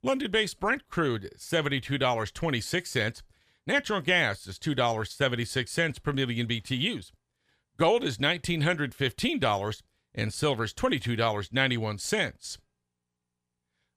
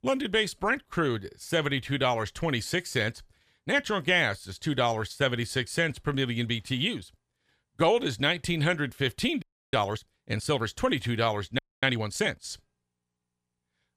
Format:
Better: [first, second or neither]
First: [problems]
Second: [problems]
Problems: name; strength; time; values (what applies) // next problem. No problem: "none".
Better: first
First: none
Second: audio freezing; at 9.5 s and at 12 s